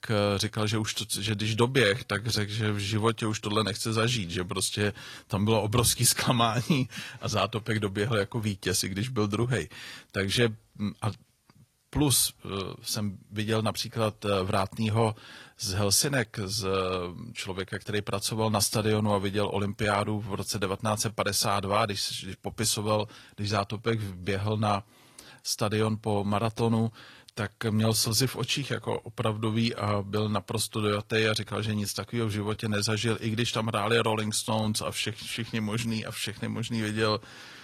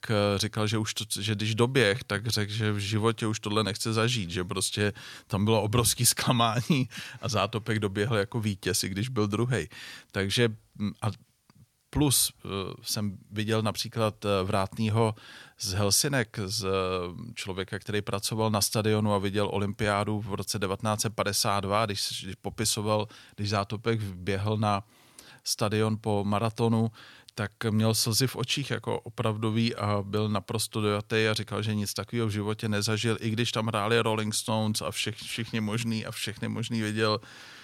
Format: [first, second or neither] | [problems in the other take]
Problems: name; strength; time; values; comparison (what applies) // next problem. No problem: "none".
second | garbled, watery; slightly; nothing above 13 kHz